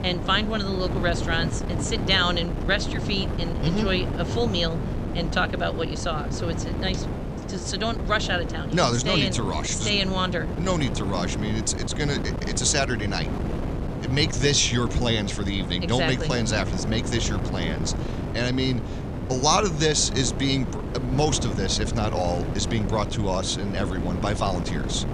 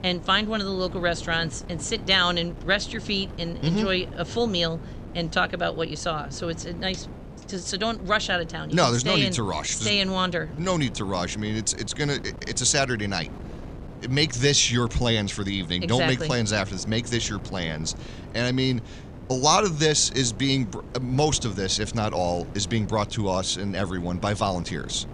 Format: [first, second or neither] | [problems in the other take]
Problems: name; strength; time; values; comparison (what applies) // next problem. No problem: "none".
second | wind noise on the microphone; heavy; 9 dB below the speech; occasional gusts in the second